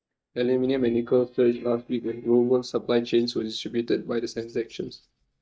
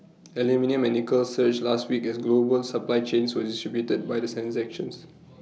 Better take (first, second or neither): second